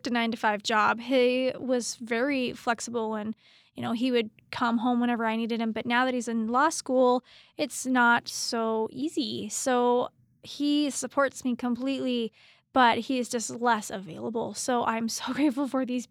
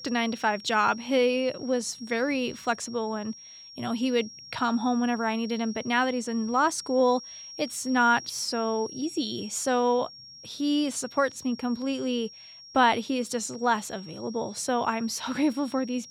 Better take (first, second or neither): first